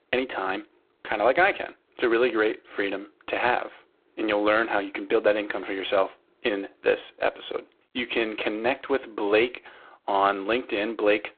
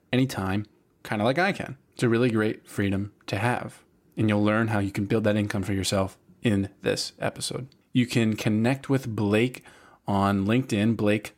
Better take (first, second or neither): second